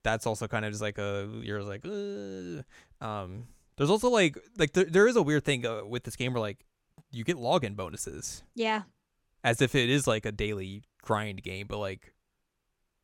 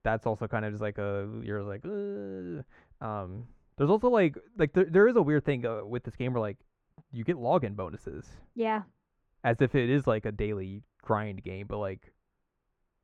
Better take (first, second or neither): first